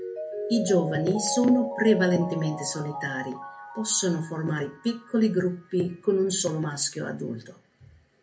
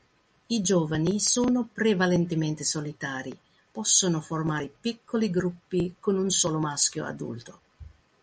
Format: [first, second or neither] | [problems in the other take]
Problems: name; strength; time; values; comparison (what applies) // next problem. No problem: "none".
second | background sound (Mallet percussion); 11 dB below the speech // room echo; dies away in 0.3 s